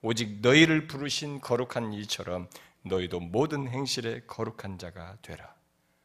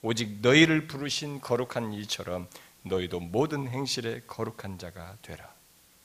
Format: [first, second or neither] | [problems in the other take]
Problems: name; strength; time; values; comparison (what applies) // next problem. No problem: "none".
first | hiss; faint; throughout; 30 dB below the speech